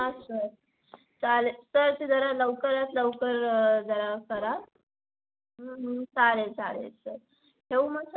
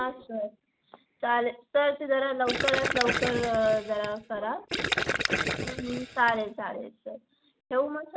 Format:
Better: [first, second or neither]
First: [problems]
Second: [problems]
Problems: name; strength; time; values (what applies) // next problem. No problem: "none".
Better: first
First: none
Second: background sound (Gurgling); 2 dB below the speech